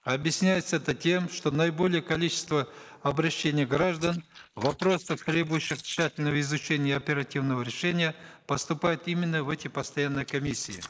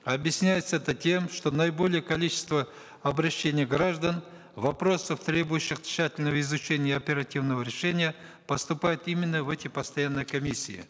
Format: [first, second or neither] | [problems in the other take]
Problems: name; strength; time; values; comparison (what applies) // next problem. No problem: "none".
second | noise reduction (neural mask model Resemble Enhance denoiser)